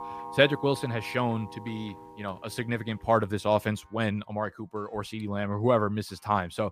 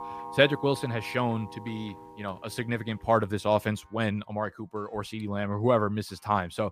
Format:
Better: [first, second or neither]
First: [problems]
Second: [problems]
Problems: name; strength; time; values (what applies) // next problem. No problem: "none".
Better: neither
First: household noises; noticeable; throughout; 15 dB below the speech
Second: household noises; noticeable; throughout; 15 dB below the speech